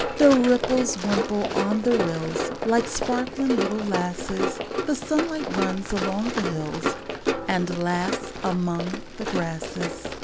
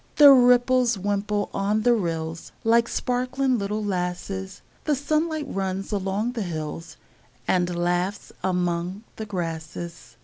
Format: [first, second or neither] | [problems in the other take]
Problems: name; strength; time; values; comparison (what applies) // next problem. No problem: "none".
second | background sound (Run); 4 dB below the speech